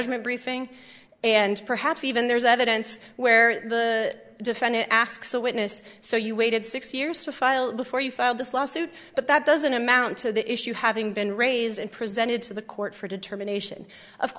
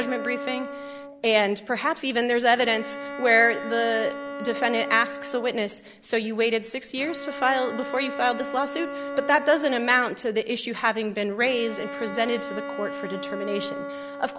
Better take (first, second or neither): first